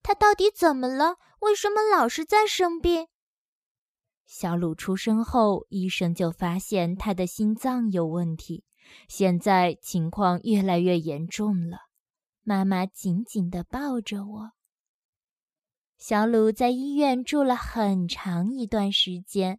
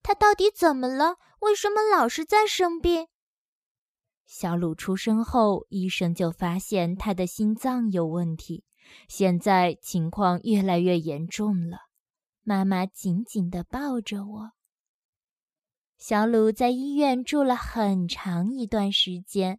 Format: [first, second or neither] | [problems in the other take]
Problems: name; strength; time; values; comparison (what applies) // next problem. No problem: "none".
neither | none